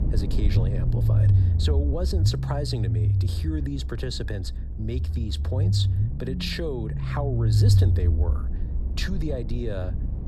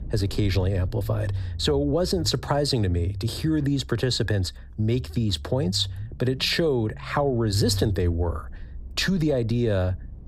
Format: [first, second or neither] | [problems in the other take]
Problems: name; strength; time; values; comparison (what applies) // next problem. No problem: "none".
second | low rumble; loud; throughout; 4 dB below the speech; faint in the second